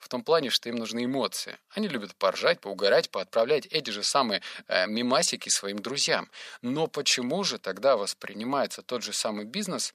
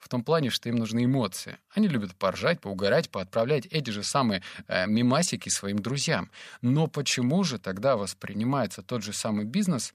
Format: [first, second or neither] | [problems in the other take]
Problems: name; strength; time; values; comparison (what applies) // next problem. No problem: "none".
second | thin; somewhat; fading below 400 Hz